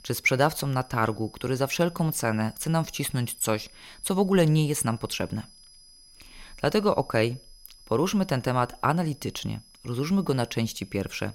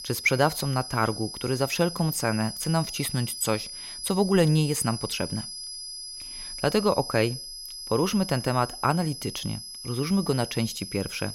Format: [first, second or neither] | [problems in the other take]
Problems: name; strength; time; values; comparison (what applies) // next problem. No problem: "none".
first | high-pitched whine; loud; throughout; 5 kHz, 9 dB below the speech; faint in the first